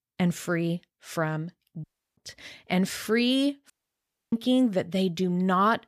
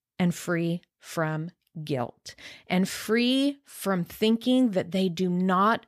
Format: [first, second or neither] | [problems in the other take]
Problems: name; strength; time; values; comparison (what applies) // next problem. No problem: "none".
second | audio cutting out; at 2 s and at 3.5 s for 0.5 s